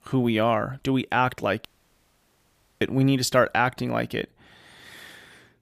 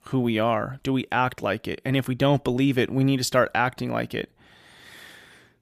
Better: second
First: audio cutting out; at 1.5 s for 1 s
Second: none

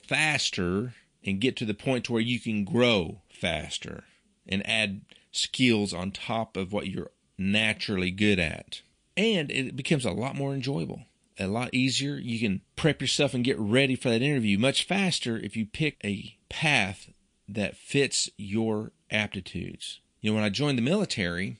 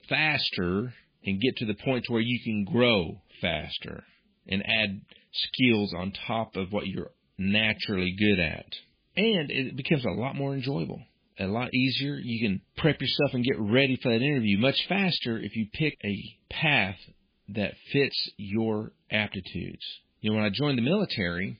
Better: first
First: garbled, watery; slightly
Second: garbled, watery; badly; nothing above 4.5 kHz

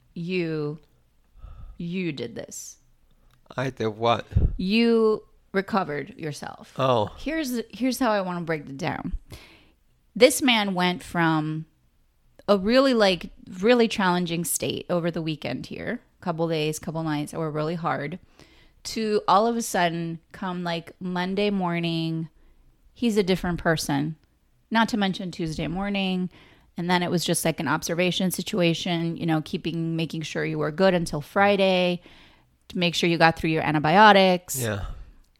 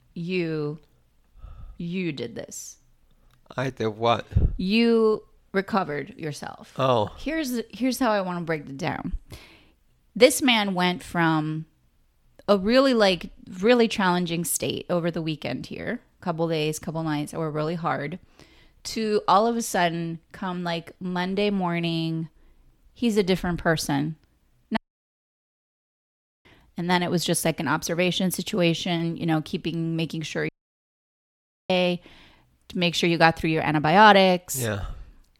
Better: first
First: none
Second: audio cutting out; at 25 s for 1.5 s and at 30 s for 1 s

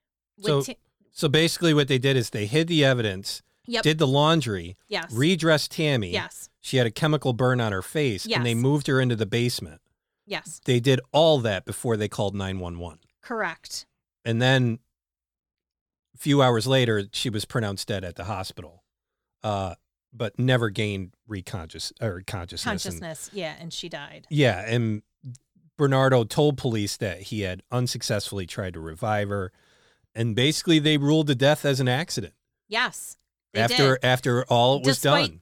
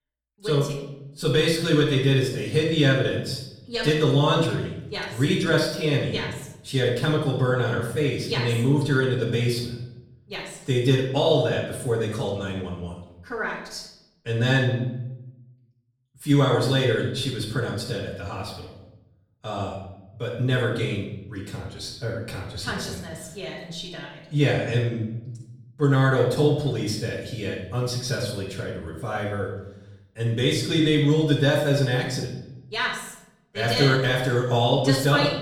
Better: first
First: none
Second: off-mic speech; far // room echo; noticeable; dies away in 0.7 s

